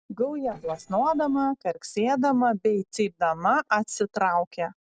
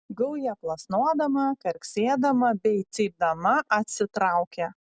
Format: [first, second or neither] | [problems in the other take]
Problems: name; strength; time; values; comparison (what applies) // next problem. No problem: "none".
second | noise reduction (neural separator model SepFormer DNS4)